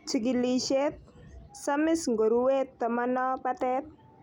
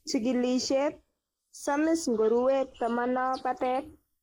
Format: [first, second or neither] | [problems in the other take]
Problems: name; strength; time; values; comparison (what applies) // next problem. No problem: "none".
first | noise reduction (neural mask model Resemble Enhance denoiser)